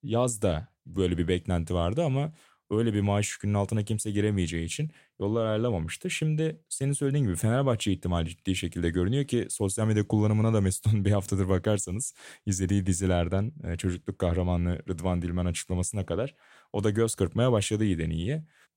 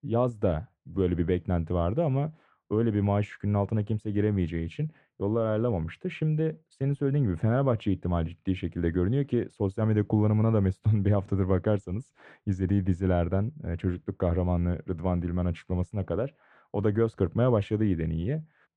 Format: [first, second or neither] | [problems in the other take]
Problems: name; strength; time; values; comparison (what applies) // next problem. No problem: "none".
first | muffled; very; fading above 1.5 kHz